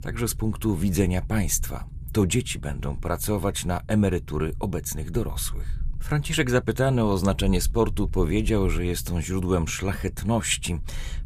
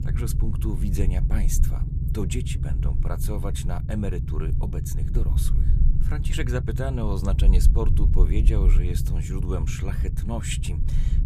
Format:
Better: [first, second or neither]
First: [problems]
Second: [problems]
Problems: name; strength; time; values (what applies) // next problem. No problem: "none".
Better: first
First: low rumble; faint; throughout; 25 dB below the speech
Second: low rumble; loud; throughout; 6 dB below the speech